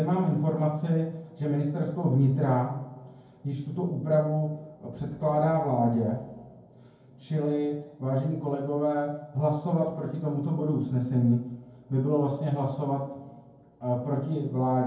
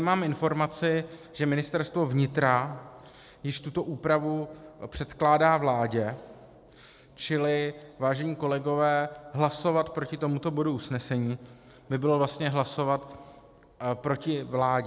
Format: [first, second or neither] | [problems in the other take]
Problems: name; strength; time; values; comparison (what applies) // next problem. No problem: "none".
second | room echo; dies away in 0.9 s